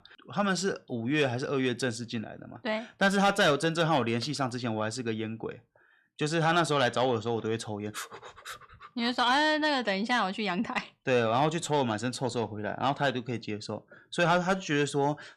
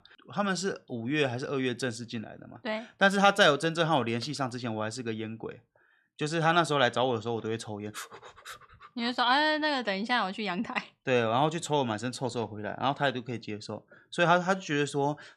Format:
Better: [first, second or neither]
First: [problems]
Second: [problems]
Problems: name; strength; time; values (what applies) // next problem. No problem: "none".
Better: second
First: distortion; slight; 10 dB below the speech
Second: none